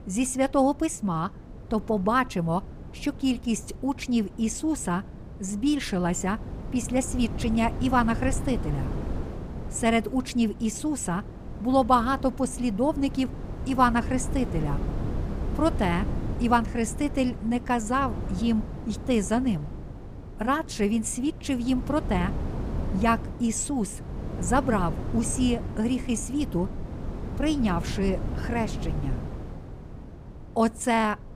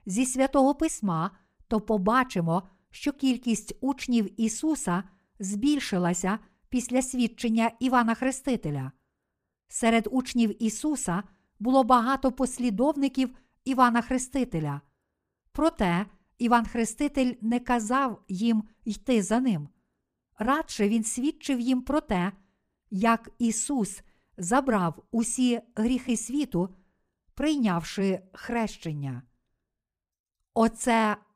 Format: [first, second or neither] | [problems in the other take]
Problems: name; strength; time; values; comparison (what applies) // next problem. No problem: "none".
second | wind noise on the microphone; occasional gusts; 15 dB below the speech